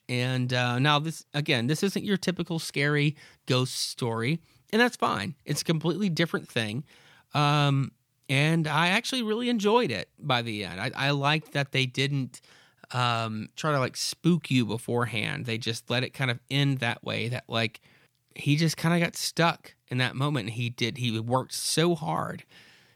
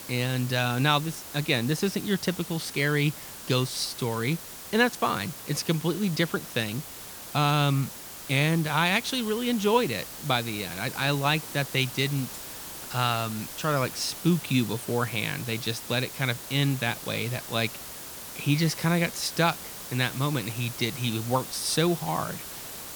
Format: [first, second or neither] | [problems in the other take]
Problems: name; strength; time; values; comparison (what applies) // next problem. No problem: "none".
first | hiss; noticeable; throughout; 10 dB below the speech